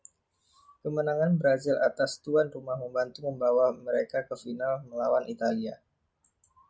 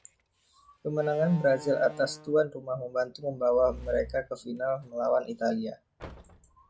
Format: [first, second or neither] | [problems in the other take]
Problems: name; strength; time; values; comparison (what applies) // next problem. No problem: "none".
first | background sound (Slam); 18 dB below the speech